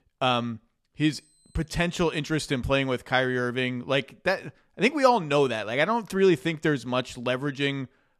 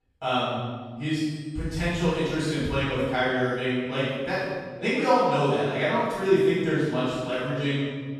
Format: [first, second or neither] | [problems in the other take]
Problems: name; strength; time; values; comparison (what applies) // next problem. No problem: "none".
first | off-mic speech; far // room echo; strong; dies away in 1.3 s